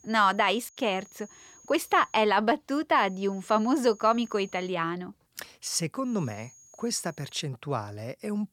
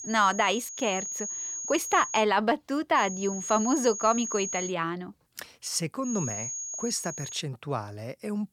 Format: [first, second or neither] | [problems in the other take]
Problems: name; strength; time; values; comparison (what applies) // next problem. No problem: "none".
first | high-pitched whine; loud; until 2 s, from 3 to 4.5 s and from 6 to 7.5 s; 6.5 kHz, 6 dB below the speech; faint in the first